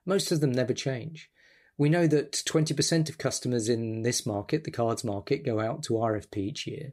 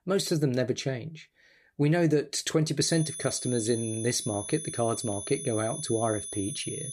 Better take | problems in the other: first | high-pitched whine; loud; from 3 s on; 10 kHz, 7 dB below the speech

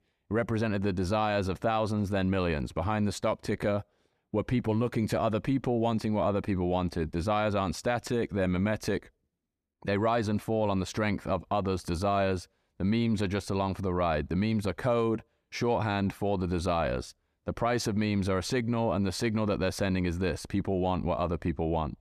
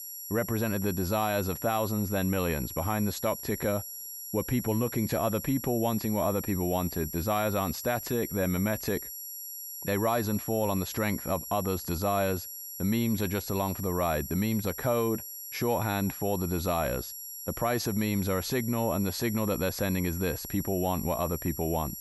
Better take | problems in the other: first | high-pitched whine; loud; throughout; 11.5 kHz, 8 dB below the speech

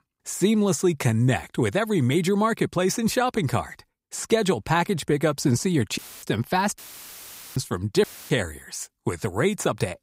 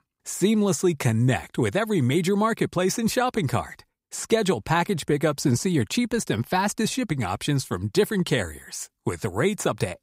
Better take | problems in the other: second | audio cutting out; filled with static; at 6 s, at 7 s for 1 s and at 8 s

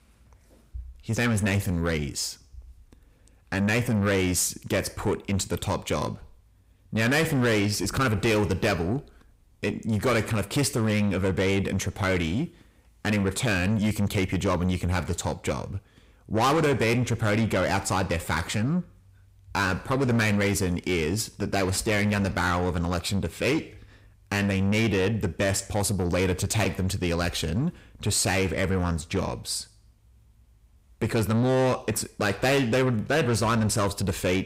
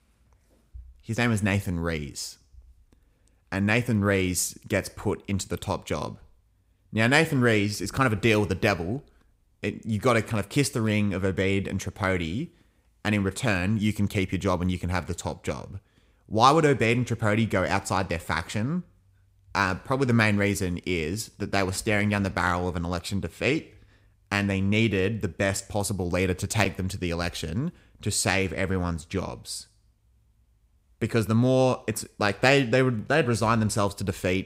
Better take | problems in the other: second | distortion; heavy; 8 dB below the speech

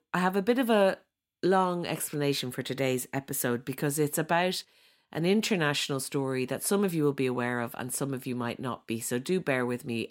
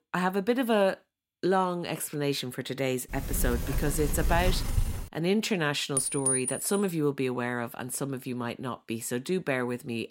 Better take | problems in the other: first | door banging; noticeable; from 3 to 5 s; peak 1 dB below the speech // clattering dishes; loud; at 6 s; peak 3 dB above the speech

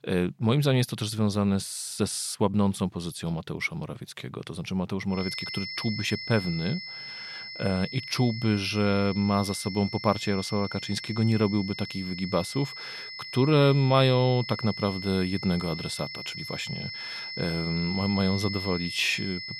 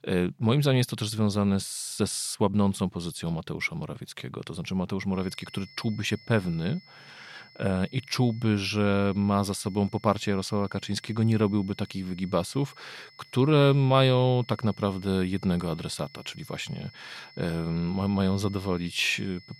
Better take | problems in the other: second | high-pitched whine; loud; from 5 s on; 2 kHz, 8 dB below the speech; faint in the second

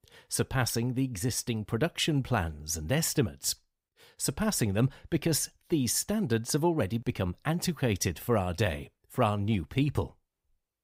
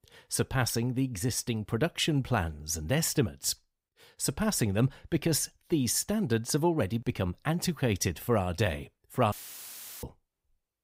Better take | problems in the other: first | audio cutting out; filled with static; at 9.5 s for 0.5 s

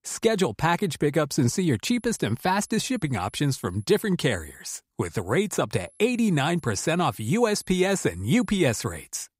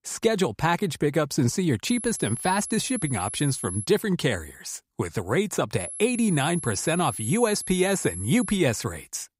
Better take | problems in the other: first | high-pitched whine; loud; from 2 to 4 s and from 6 to 8.5 s; 11 kHz, 8 dB below the speech; faint in the first

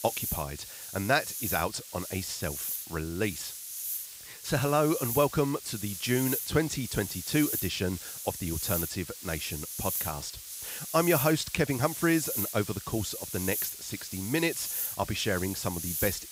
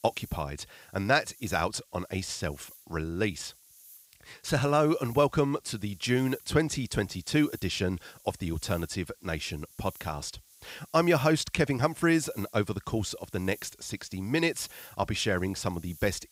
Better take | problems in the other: second | hiss; loud; throughout; 4 dB below the speech; faint in the second

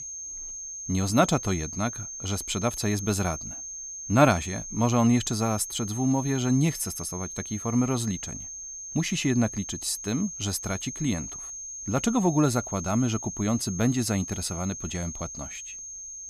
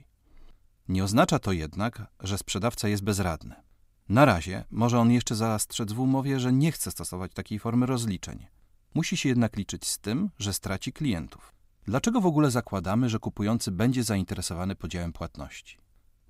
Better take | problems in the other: second | high-pitched whine; loud; throughout; 6.5 kHz, 8 dB below the speech

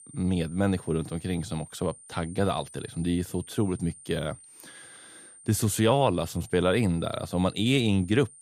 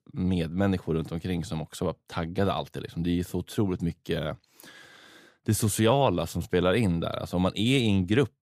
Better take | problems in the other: second | high-pitched whine; noticeable; throughout; 9 kHz, 20 dB below the speech

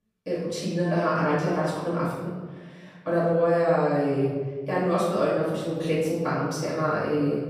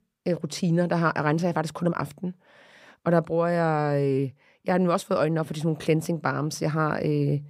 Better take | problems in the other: second | off-mic speech; far // room echo; noticeable; dies away in 1.2 s

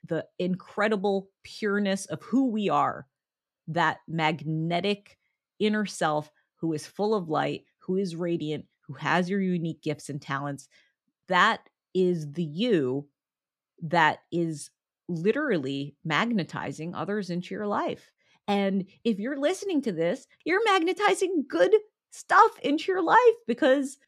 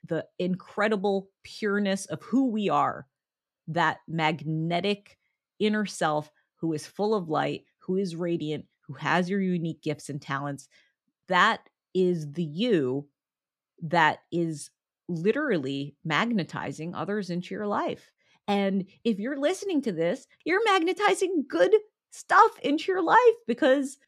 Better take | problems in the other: neither | none

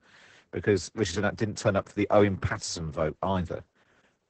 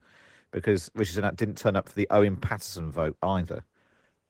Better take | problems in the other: second | garbled, watery; badly; nothing above 8 kHz; slightly in the second

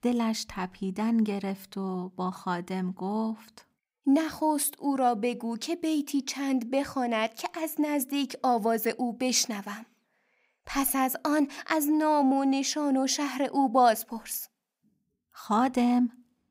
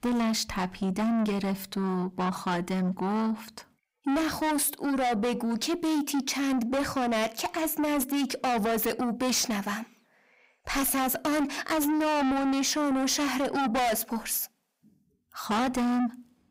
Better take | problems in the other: first | distortion; heavy; 6 dB below the speech

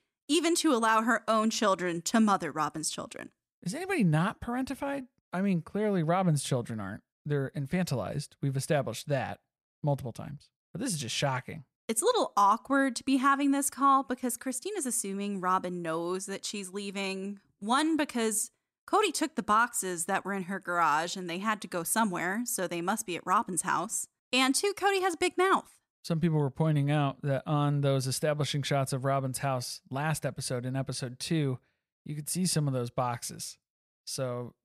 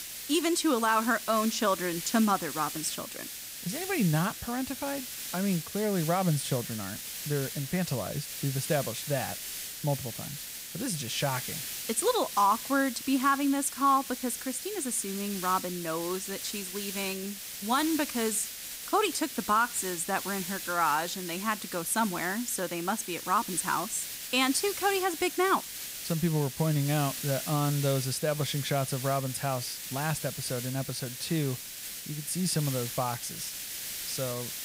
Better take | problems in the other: first | hiss; loud; throughout; 7 dB below the speech

